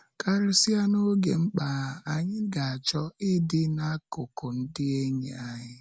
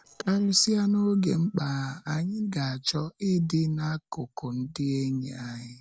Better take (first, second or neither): first